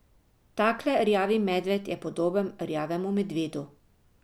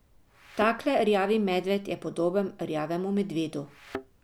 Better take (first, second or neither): first